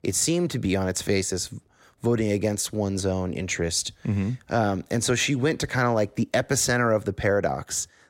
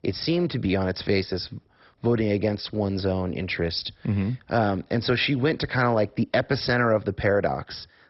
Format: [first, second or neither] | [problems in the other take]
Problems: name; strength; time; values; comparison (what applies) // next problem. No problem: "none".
first | garbled, watery; badly; nothing above 5.5 kHz